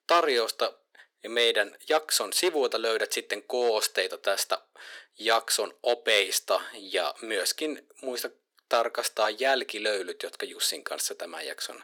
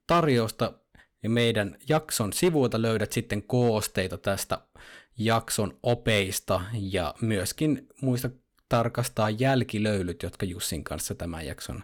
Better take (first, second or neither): second